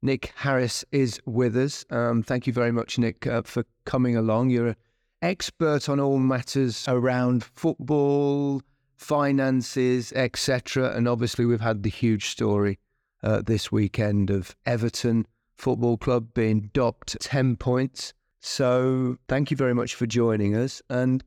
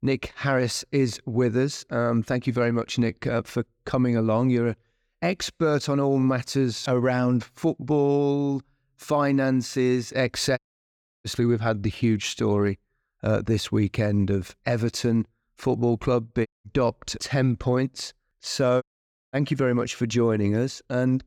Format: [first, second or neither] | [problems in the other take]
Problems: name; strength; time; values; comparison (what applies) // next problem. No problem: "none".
first | audio cutting out; at 11 s for 0.5 s, at 16 s and at 19 s for 0.5 s